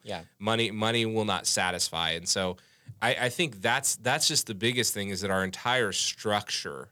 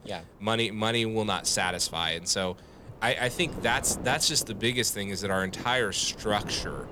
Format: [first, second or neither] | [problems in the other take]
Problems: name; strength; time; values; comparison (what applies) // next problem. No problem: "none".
first | wind noise on the microphone; occasional gusts; 20 dB below the speech